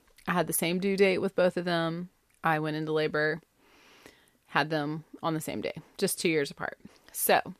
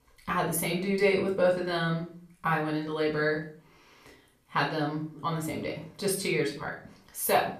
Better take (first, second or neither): first